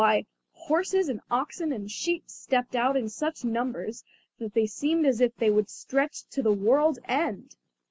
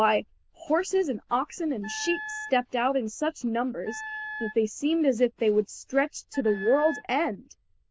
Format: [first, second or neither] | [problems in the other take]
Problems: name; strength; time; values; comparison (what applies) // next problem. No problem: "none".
first | noise reduction (neural diffusion model UNIVERSE++)